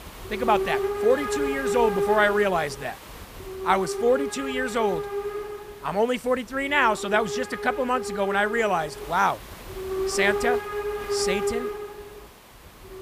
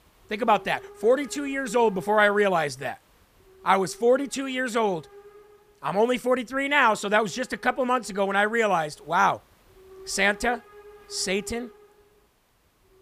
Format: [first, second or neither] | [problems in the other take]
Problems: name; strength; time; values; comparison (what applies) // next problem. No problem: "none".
second | hiss; loud; throughout; 5 dB below the speech; faint in the second